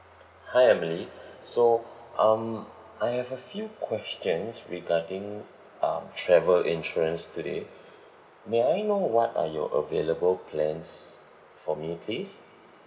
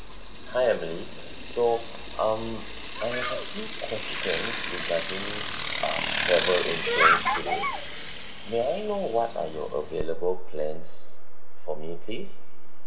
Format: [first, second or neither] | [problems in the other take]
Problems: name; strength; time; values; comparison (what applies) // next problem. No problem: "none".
first | background sound (Bicycle); 4 dB above the speech // room echo; dies away in 0.5 s